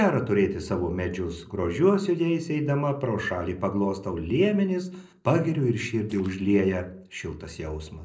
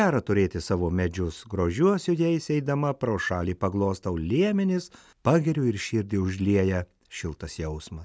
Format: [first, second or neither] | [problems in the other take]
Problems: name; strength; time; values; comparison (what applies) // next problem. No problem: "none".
second | noise reduction (neural separator model SepFormer DNS4)